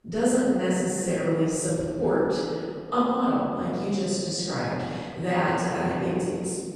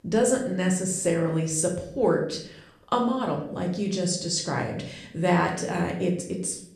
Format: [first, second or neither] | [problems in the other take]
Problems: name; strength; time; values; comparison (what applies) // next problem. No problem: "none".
second | room echo; strong; dies away in 2 s; slight in the second // off-mic speech; far; somewhat distant in the second